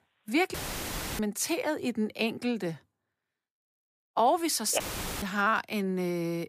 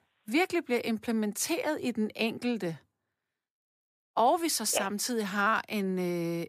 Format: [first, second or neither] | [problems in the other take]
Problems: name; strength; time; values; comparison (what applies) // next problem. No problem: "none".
second | audio cutting out; filled with static; at 0.5 s for 0.5 s and at 5 s